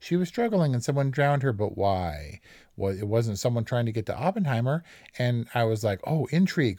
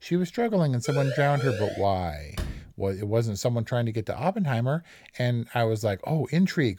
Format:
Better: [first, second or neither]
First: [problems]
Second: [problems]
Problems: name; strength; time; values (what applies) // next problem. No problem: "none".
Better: first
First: none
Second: siren; noticeable; from 1 to 2 s; peak 6 dB below the speech // door banging; noticeable; at 2.5 s; peak 10 dB below the speech